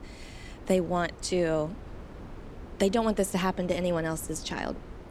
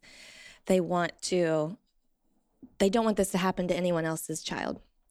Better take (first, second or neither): second